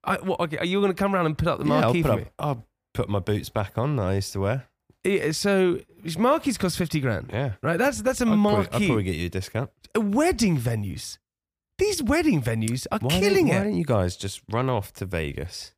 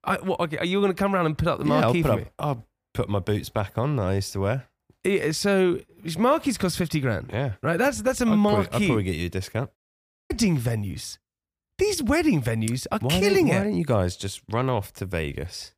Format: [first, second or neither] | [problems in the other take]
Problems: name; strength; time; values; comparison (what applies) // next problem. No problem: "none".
first | audio cutting out; at 10 s for 0.5 s